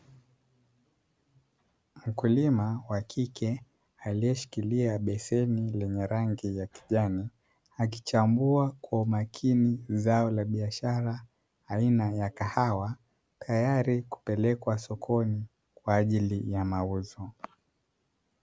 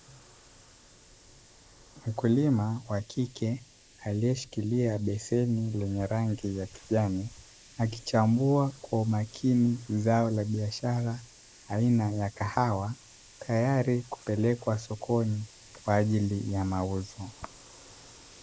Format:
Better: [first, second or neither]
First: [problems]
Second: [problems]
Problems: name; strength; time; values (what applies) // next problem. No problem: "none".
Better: first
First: none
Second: noise reduction (neural mask model Resemble Enhance denoiser)